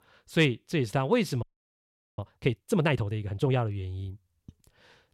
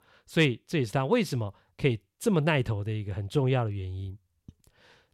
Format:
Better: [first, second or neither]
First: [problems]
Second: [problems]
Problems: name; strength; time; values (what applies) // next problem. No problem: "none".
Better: second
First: audio freezing; at 1.5 s for 1 s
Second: none